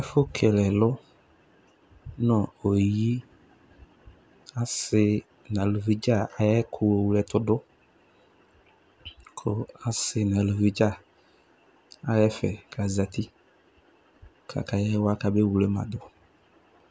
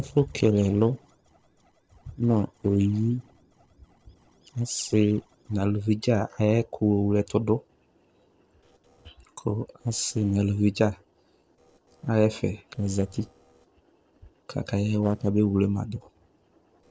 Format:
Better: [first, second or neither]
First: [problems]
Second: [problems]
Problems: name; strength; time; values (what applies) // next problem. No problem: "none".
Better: first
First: none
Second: noise reduction (neural separator model SepFormer DNS4)